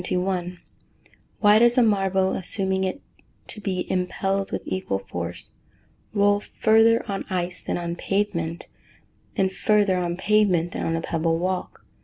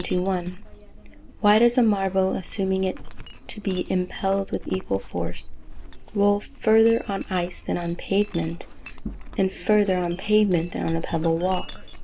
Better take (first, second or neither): first